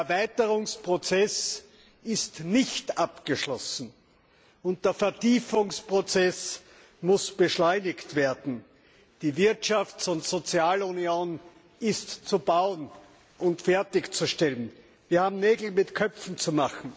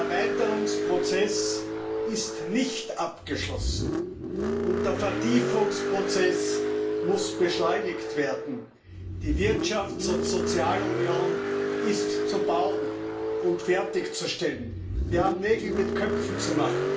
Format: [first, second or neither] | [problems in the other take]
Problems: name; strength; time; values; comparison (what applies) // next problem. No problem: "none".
first | background sound (Car); 1 dB above the speech // room echo; dies away in 0.4 s